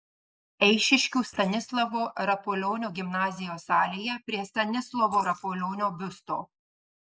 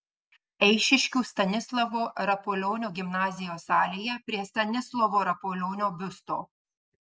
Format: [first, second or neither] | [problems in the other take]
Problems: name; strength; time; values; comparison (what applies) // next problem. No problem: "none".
second | noise reduction (neural mask model Resemble Enhance denoiser)